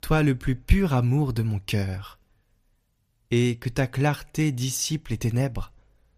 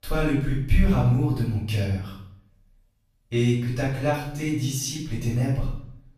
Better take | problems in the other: first | off-mic speech; far // room echo; noticeable; dies away in 0.6 s

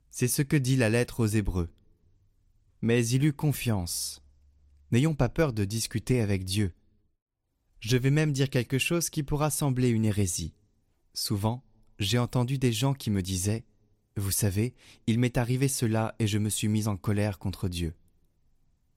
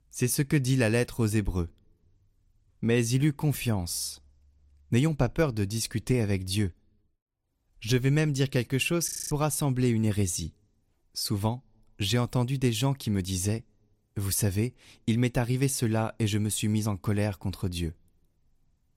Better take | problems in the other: first | audio freezing; at 9 s

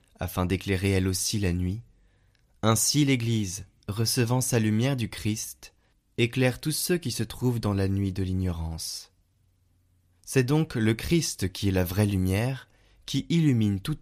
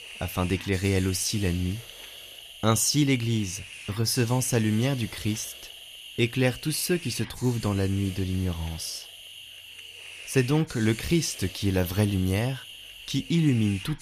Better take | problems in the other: first | hiss; noticeable; throughout; 15 dB below the speech

